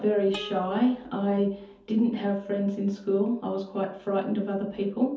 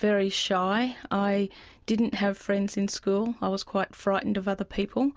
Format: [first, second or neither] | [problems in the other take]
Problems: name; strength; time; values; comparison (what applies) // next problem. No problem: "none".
second | background sound (Plucked string instrument); 19 dB below the speech // room echo; dies away in 0.5 s